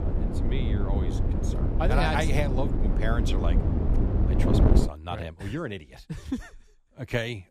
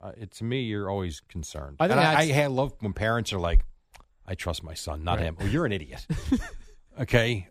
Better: second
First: wind noise on the microphone; heavy; until 5 s; 3 dB below the speech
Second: none

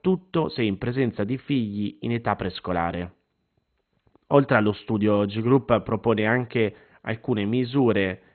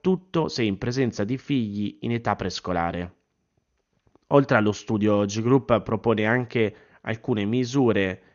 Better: second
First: garbled, watery; badly; nothing above 4 kHz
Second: garbled, watery; slightly; nothing above 6.5 kHz

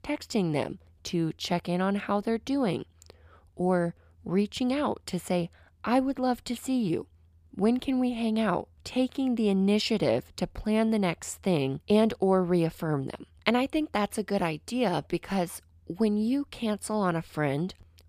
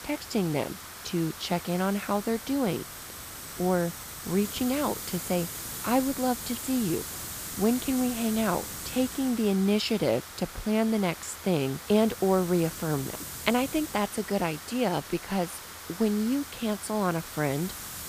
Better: first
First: none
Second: hiss; loud; throughout; 9 dB below the speech

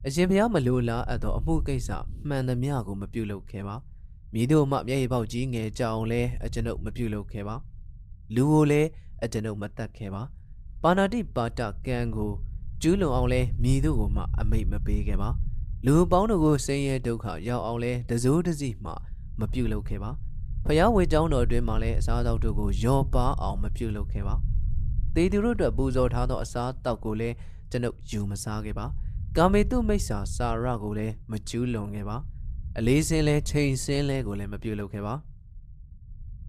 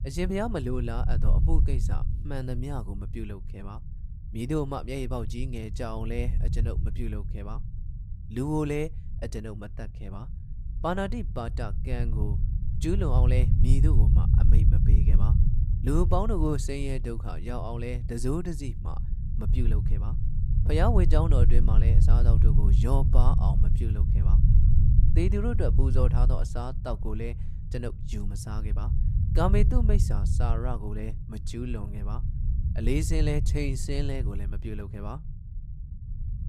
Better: first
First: low rumble; faint; throughout; 25 dB below the speech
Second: low rumble; loud; throughout; 8 dB below the speech

